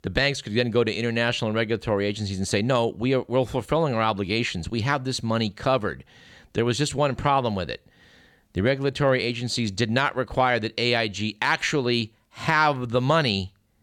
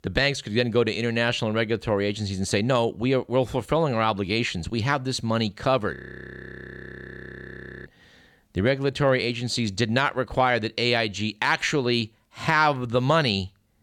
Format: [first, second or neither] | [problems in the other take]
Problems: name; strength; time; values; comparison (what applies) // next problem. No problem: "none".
first | audio freezing; at 6 s for 2 s